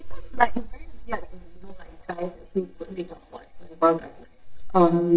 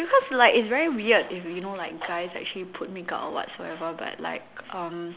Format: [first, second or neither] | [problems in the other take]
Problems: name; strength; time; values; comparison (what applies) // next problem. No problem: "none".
second | noise reduction (neural mask model DeepFilterNet 3)